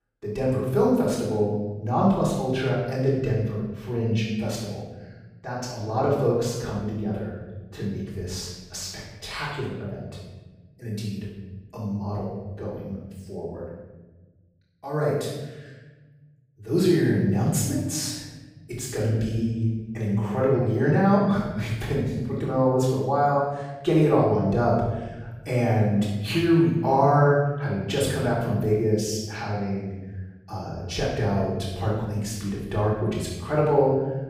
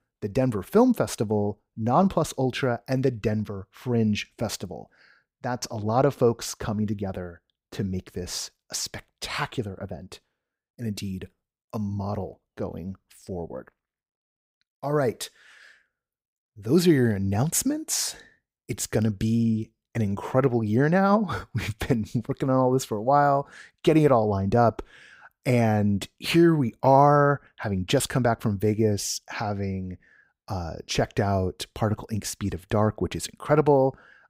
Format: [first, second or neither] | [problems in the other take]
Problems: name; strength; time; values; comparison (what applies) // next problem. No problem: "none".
second | off-mic speech; far // room echo; noticeable; dies away in 1.2 s